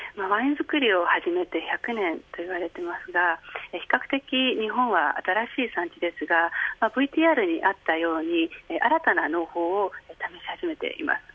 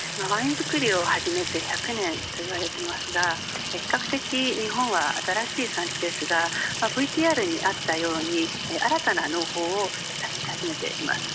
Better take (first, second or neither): first